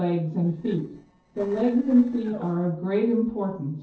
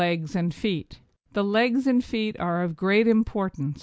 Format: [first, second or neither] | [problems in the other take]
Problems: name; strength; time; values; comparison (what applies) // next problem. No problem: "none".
second | noise reduction (neural separator model SepFormer DNS4)